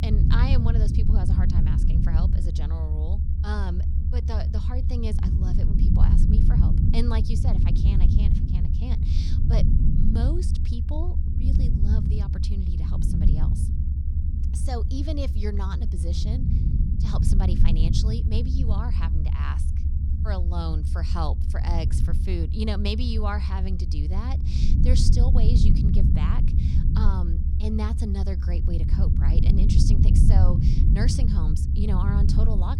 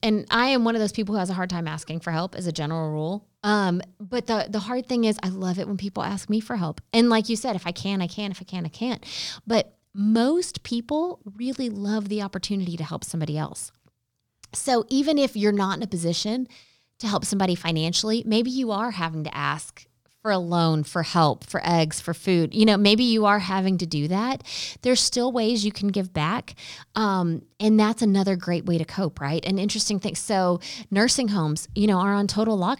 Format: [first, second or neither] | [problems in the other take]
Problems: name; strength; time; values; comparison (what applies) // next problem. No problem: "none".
second | low rumble; loud; throughout; 1 dB below the speech